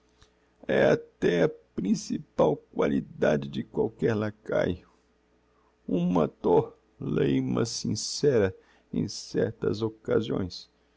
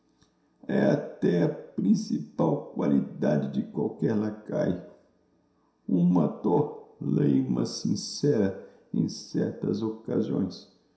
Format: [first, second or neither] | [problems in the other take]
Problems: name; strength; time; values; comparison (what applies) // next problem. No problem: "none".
first | room echo; dies away in 0.7 s